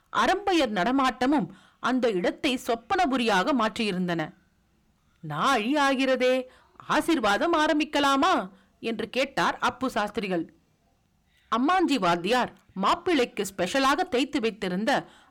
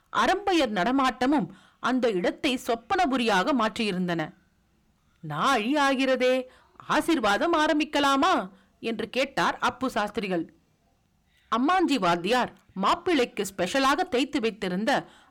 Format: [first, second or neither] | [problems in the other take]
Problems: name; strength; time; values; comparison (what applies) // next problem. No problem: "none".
neither | distortion; heavy; 8 dB below the speech; the same in both